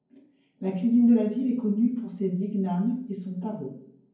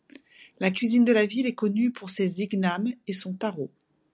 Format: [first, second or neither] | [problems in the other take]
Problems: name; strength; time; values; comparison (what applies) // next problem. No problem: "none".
second | room echo; dies away in 0.9 s